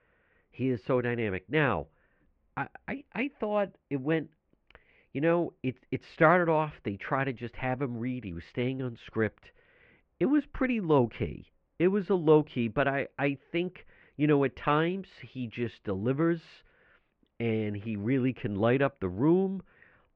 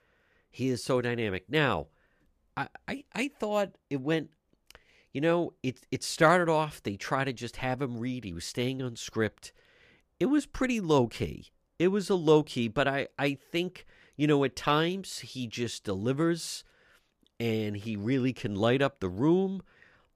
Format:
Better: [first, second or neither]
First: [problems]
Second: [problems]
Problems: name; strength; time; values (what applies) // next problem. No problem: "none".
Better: second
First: muffled; very; fading above 2.5 kHz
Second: none